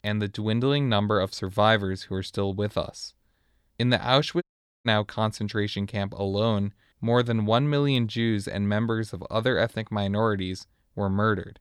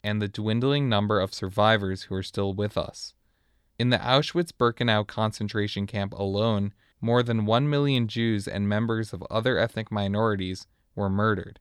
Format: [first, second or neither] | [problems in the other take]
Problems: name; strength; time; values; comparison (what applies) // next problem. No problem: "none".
second | audio cutting out; at 4.5 s